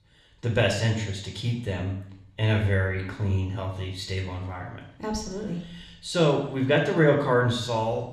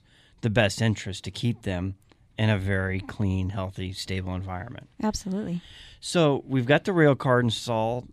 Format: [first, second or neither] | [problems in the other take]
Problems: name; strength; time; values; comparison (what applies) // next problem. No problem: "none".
second | room echo; noticeable; dies away in 0.7 s // off-mic speech; somewhat distant